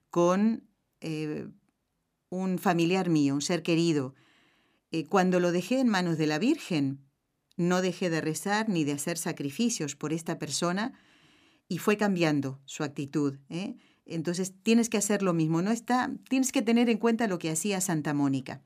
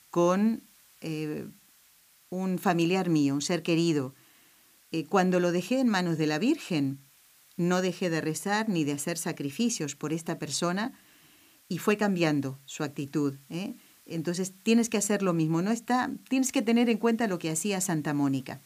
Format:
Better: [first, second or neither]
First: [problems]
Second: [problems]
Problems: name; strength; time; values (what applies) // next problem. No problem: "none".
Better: first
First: none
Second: hiss; faint; throughout; 30 dB below the speech